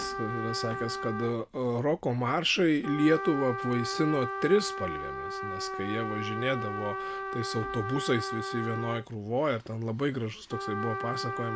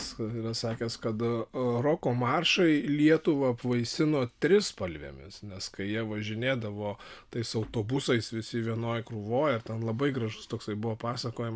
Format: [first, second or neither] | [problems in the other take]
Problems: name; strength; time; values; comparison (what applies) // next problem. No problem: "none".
second | background sound (Trumpet); 6 dB below the speech